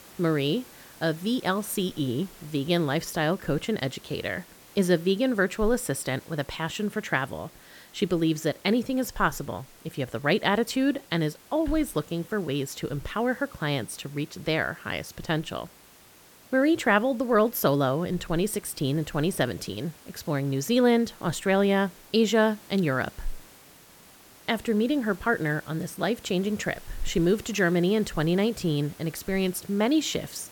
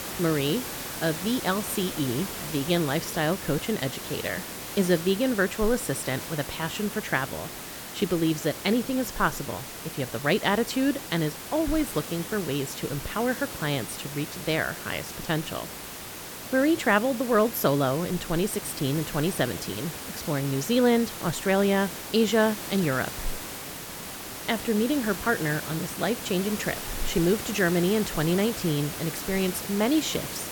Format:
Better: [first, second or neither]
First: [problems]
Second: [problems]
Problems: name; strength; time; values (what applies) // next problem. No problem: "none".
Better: first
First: hiss; faint; throughout; 25 dB below the speech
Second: hiss; loud; throughout; 8 dB below the speech